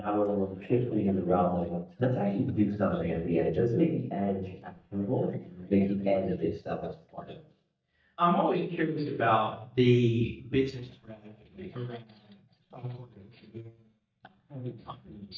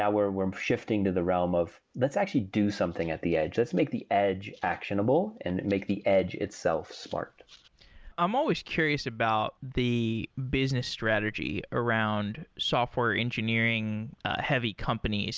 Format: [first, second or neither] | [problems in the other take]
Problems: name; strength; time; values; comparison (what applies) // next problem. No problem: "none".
second | noise reduction (neural mask model DeepFilterNet 3)